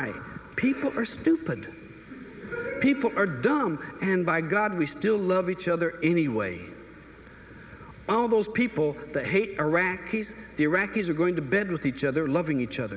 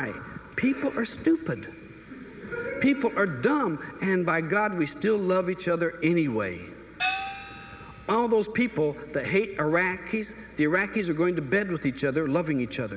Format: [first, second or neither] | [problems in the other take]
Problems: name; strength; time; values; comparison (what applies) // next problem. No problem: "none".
first | background sound (Gong); 6 dB below the speech